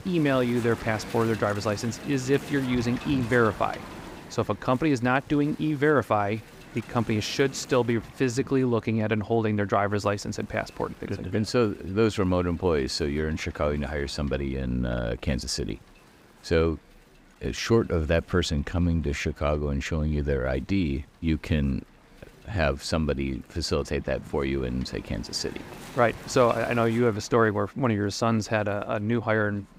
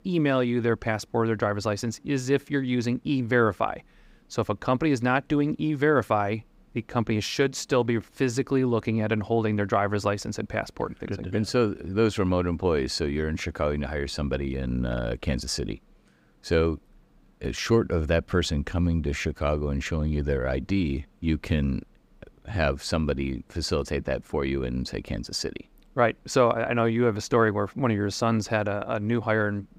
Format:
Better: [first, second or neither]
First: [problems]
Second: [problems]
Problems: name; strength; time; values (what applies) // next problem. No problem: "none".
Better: second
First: wind noise on the microphone; occasional gusts; 15 dB below the speech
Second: none